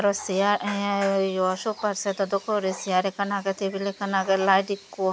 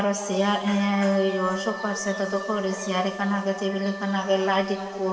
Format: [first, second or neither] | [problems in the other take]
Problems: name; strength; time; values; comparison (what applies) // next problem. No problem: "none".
first | background sound (Wind instrument, woodwind instrument); 14 dB below the speech // room echo; dies away in 2.7 s